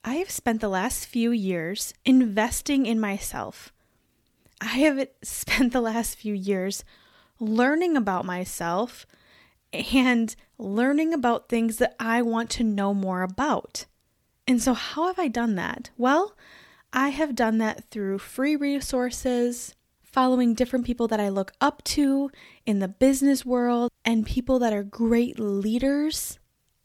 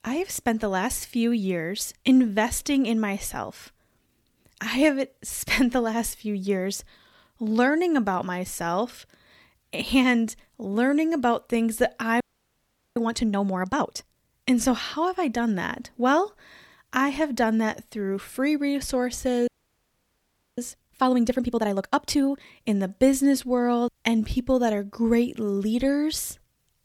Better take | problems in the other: first | audio freezing; at 12 s for 1 s and at 19 s for 1 s

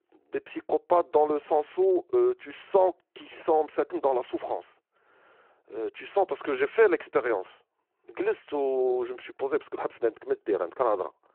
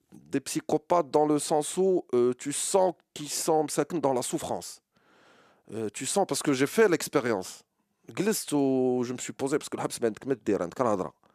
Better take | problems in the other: second | phone-call audio

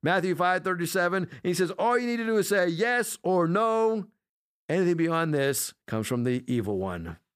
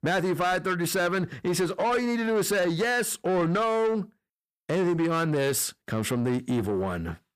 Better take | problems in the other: first | distortion; slight; 10 dB below the speech

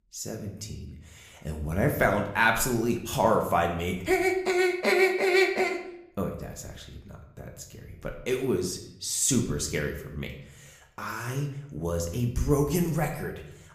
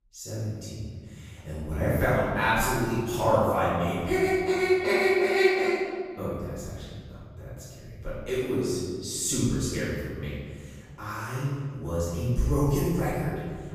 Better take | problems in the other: first | room echo; strong; dies away in 1.8 s; slight in the first // off-mic speech; far

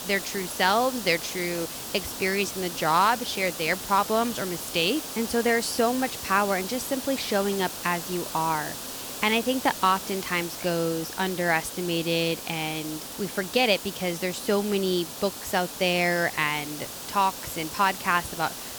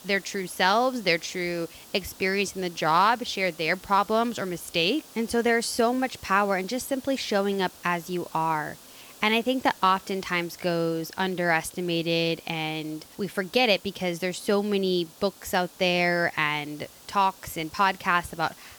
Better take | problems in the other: second | hiss; loud; throughout; 8 dB below the speech; faint in the second

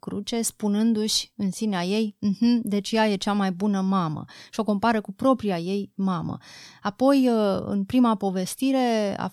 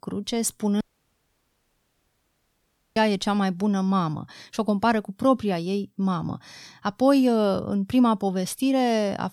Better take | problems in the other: first | audio cutting out; at 1 s for 2 s

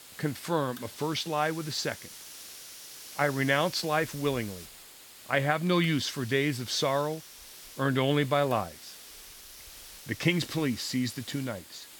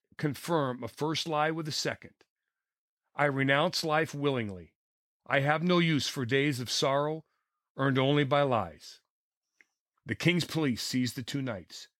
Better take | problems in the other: second | hiss; noticeable; throughout; 15 dB below the speech

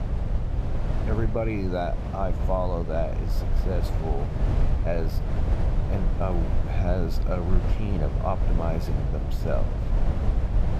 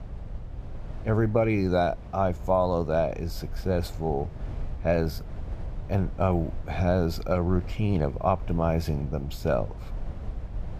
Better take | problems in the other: second | low rumble; loud; throughout; 6 dB below the speech; faint in the second

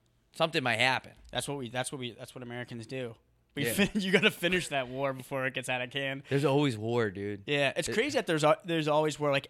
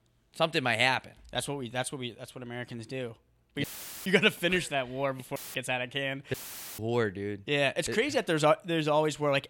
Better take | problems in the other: first | audio cutting out; filled with static; at 3.5 s, at 5.5 s and at 6.5 s

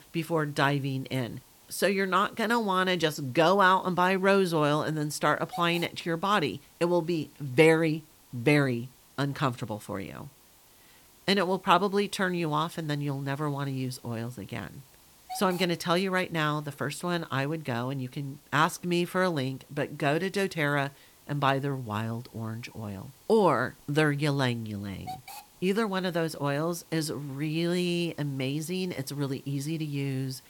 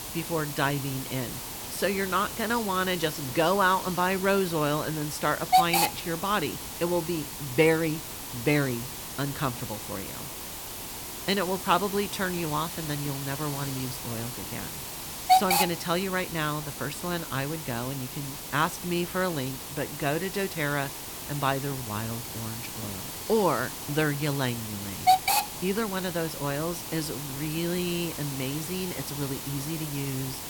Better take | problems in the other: first | hiss; loud; throughout; 3 dB below the speech; faint in the first

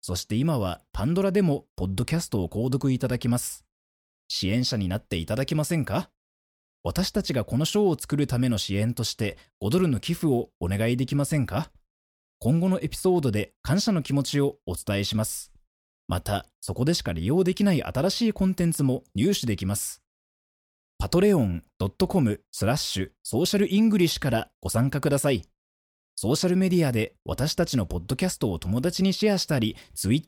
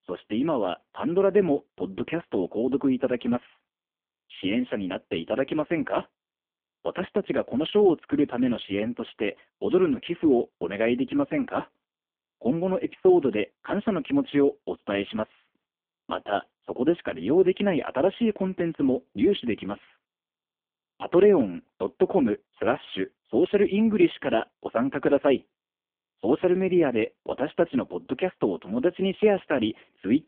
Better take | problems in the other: first | phone-call audio; poor line; nothing above 3.5 kHz

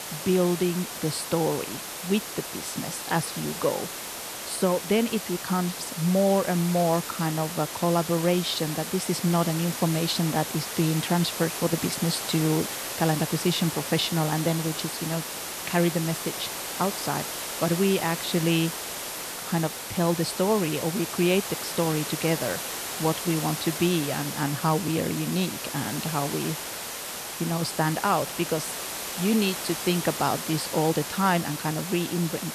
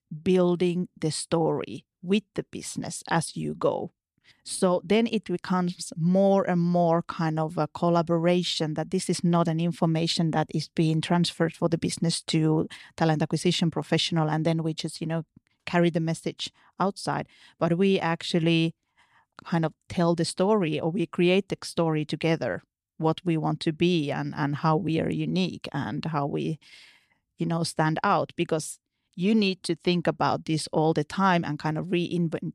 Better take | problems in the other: second | hiss; loud; throughout; 5 dB below the speech

